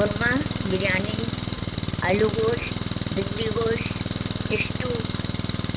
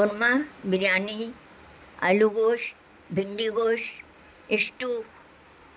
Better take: second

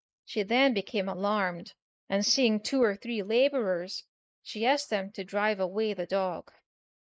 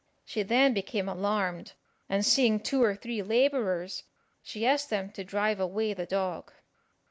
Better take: second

